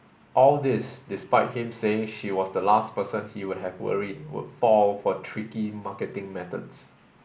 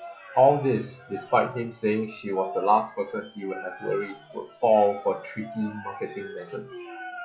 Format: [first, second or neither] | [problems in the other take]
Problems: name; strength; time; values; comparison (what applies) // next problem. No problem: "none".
first | noise reduction (classical method log-MMSE)